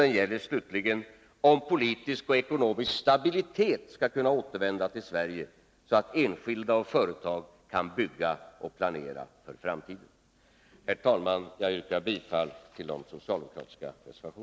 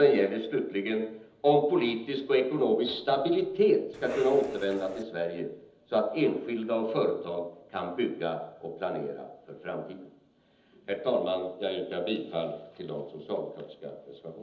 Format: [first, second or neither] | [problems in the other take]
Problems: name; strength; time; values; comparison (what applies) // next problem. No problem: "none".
first | background sound (Cough); 14 dB below the speech // room echo; dies away in 1.2 s